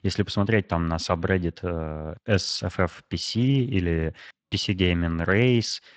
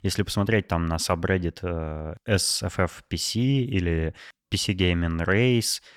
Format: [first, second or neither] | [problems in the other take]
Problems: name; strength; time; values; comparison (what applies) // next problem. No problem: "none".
second | garbled, watery; slightly; nothing above 8 kHz